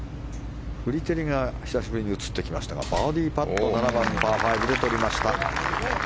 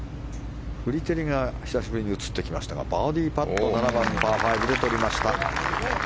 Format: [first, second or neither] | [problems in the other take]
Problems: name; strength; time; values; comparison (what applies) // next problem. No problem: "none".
second | background sound (Slam); 13 dB below the speech